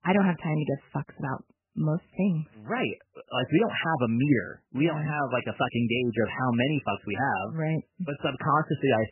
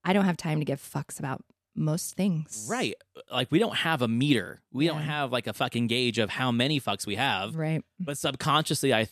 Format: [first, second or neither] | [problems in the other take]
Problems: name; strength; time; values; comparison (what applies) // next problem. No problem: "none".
second | garbled, watery; badly; nothing above 3 kHz